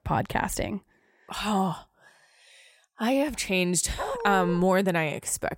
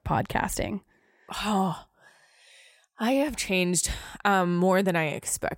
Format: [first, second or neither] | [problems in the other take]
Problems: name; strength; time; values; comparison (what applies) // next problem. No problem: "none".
second | dog barking; noticeable; at 4 s; peak 5 dB below the speech